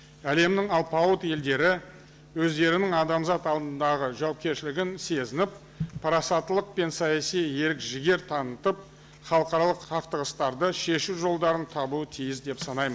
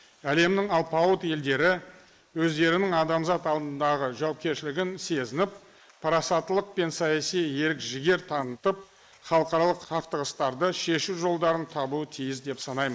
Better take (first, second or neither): first